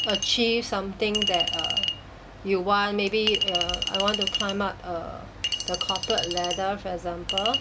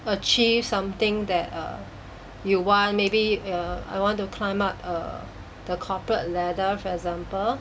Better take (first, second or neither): second